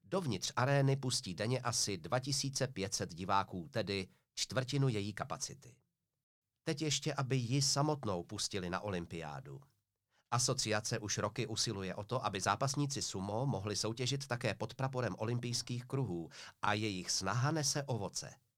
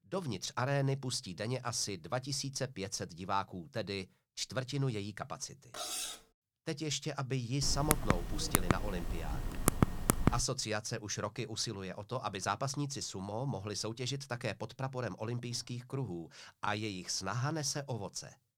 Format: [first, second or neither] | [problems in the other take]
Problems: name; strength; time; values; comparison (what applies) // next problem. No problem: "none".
first | clattering dishes; loud; at 5.5 s; peak level with the speech // keyboard typing; loud; from 7.5 to 10 s; peak 6 dB above the speech